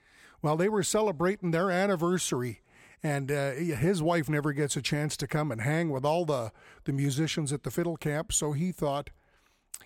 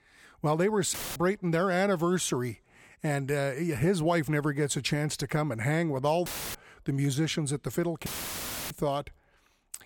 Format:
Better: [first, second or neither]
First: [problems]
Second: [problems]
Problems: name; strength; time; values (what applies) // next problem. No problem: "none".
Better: first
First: none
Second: audio cutting out; filled with static; at 1 s, at 6.5 s and at 8 s for 0.5 s